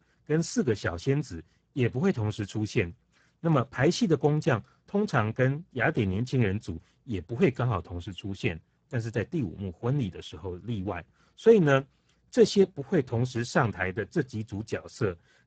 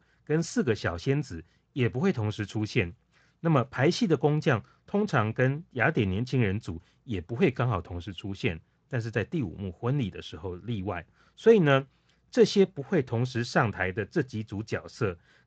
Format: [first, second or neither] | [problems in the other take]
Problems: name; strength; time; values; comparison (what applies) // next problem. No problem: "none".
second | garbled, watery; badly; nothing above 7.5 kHz; slightly in the second